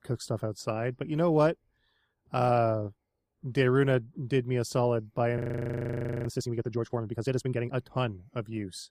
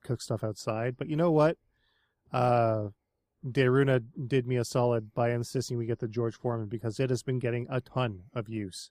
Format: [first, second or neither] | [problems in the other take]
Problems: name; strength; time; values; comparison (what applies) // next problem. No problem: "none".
second | audio freezing; at 5.5 s for 1 s